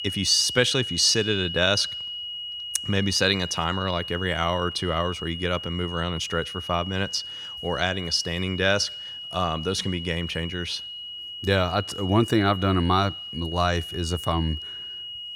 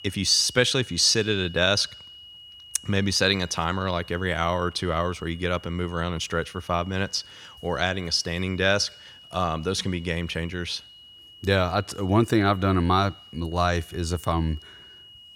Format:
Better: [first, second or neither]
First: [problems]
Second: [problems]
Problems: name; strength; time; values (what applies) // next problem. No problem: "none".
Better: second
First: high-pitched whine; loud; throughout; 3 kHz, 8 dB below the speech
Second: high-pitched whine; faint; throughout; 3 kHz, 20 dB below the speech